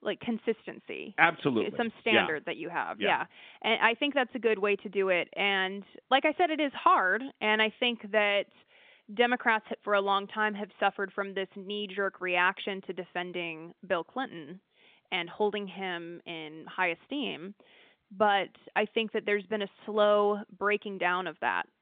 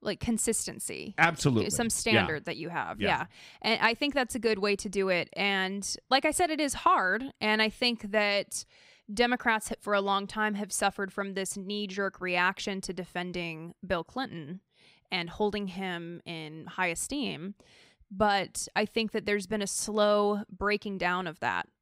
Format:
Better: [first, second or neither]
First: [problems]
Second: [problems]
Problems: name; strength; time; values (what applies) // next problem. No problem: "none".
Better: second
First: phone-call audio; nothing above 3 kHz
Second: none